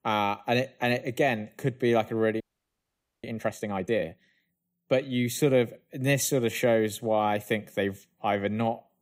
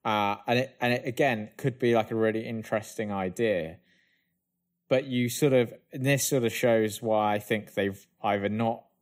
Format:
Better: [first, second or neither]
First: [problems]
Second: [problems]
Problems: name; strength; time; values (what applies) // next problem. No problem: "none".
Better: second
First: audio freezing; at 2.5 s for 1 s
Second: none